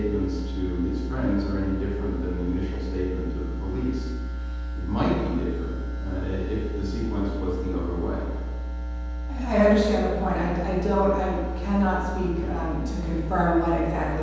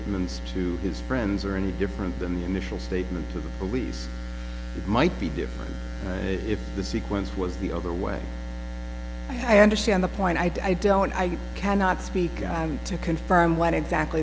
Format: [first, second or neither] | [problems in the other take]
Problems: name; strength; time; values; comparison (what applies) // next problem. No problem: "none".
second | room echo; dies away in 1.2 s